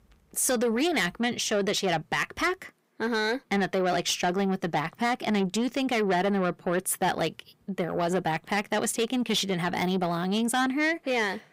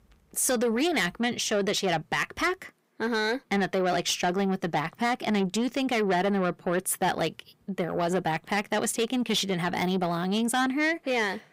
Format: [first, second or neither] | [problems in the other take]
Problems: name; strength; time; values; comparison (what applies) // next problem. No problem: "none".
neither | distortion; slight; 10 dB below the speech; the same in both